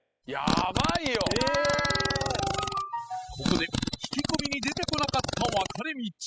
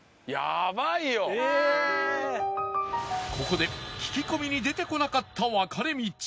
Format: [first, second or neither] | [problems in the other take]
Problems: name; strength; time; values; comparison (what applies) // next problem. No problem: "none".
second | noise reduction (classical method spectral subtraction)